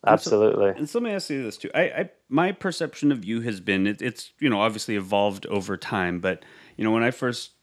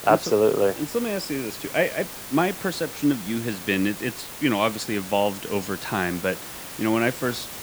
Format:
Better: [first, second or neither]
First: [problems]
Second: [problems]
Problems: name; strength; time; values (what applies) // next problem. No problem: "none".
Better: first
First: none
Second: hiss; noticeable; throughout; 10 dB below the speech